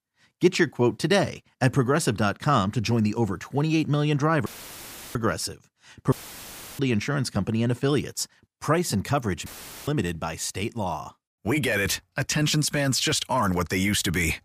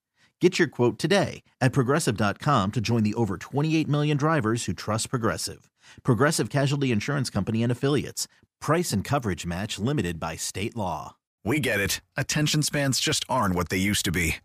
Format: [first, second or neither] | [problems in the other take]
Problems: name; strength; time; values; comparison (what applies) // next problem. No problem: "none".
second | audio cutting out; filled with static; at 4.5 s for 0.5 s, at 6 s for 0.5 s and at 9.5 s